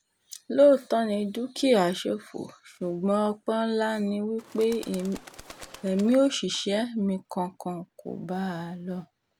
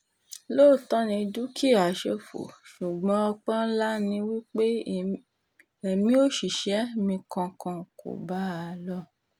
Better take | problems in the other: second | background sound (Bird); 19 dB below the speech

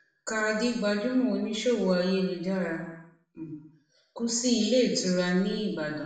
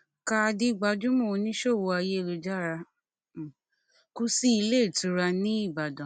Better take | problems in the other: second | room echo; dies away in 0.9 s

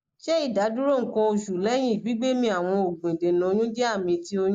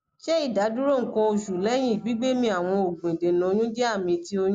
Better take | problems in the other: second | noise reduction (neural mask model Resemble Enhance denoiser)

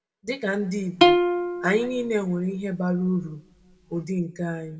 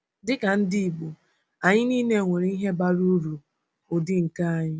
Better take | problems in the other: second | background sound (Plucked string instrument); 2 dB above the speech // room echo; dies away in 0.3 s

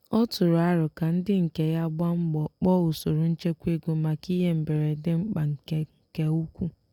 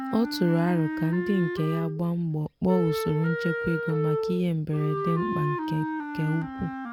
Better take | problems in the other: first | background sound (Wind instrument, woodwind instrument); 4 dB below the speech

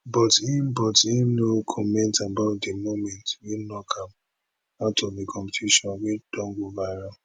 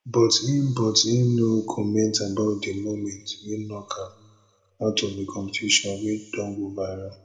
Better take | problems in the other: first | room echo; dies away in 1.8 s

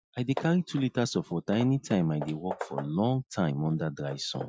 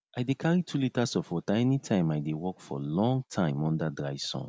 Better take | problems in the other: second | noise reduction (classical method Wiener filter)

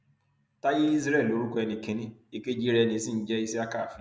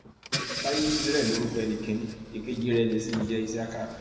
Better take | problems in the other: first | background sound (Engine / Car); 7 dB below the speech // room echo; dies away in 1.9 s

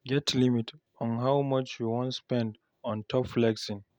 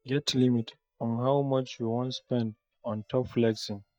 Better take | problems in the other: first | noise reduction (neural mask model DeepFilterNet 3)

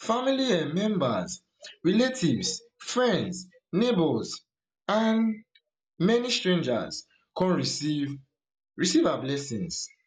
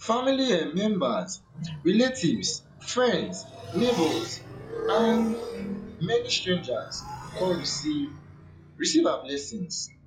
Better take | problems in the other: first | noise reduction (classical method log-MMSE)

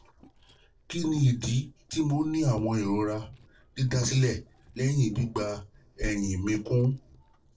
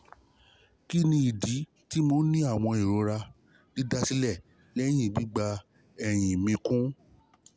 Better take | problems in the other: second | noise reduction (neural separator model SepFormer DNS4)

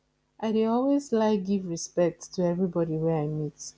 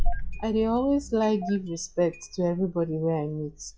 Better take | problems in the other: first | noise reduction (classical method log-MMSE)

